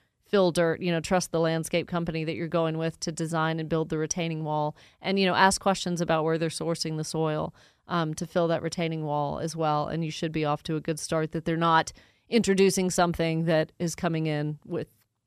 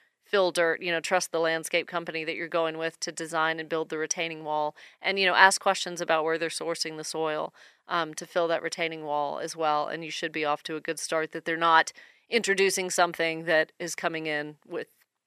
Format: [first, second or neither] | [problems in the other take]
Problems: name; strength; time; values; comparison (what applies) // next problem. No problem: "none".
first | thin; very; fading below 400 Hz